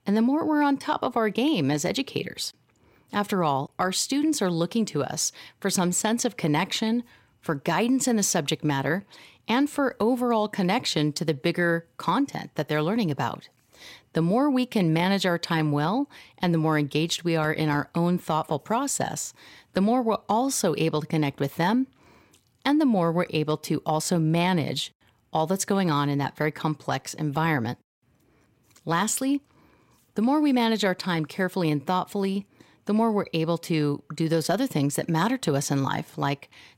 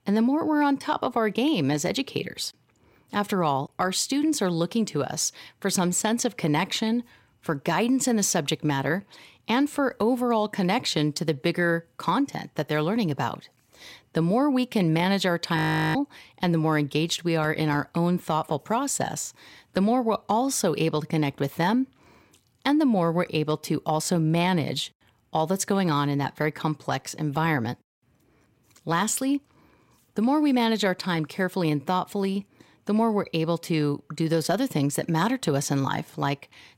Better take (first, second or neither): first